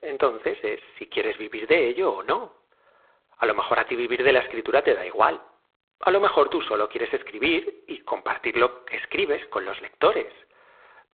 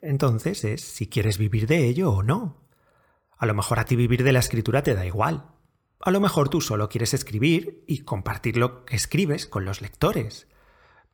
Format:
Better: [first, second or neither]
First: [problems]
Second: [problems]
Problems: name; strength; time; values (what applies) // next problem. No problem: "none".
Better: second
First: phone-call audio; poor line; nothing above 3.5 kHz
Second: none